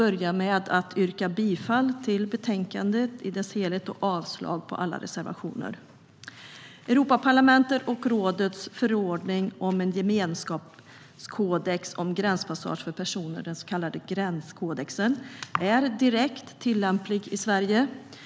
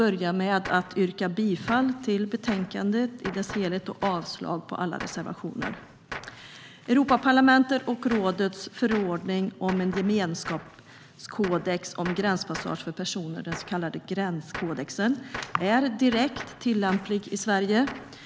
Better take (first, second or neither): first